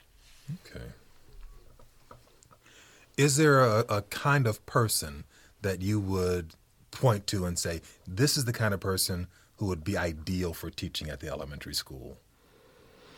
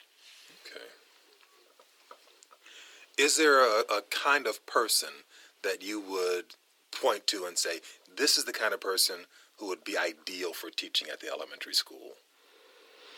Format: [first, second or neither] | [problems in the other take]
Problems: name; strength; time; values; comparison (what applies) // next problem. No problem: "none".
first | thin; very; fading below 300 Hz